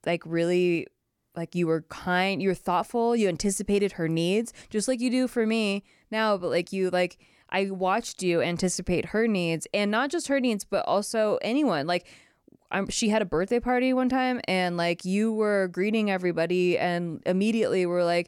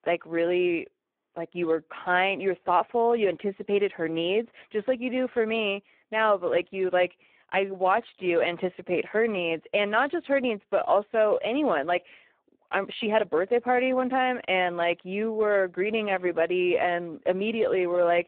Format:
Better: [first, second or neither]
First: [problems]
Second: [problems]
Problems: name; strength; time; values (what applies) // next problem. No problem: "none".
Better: first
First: none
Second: phone-call audio; poor line